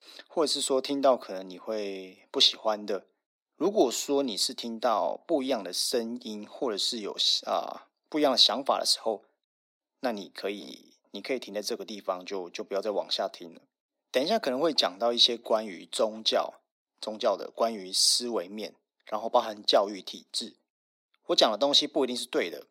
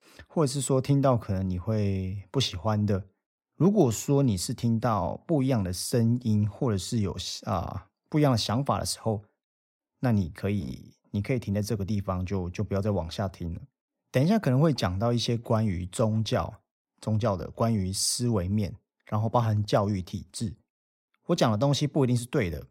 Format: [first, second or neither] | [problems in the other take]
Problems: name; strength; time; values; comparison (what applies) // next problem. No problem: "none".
second | thin; somewhat; fading below 300 Hz